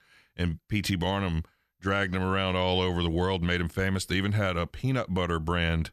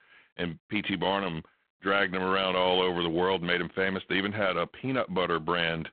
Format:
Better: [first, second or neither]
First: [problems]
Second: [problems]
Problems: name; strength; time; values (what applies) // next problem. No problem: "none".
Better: first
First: none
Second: phone-call audio; poor line